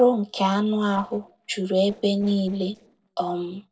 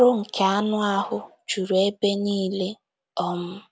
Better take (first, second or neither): second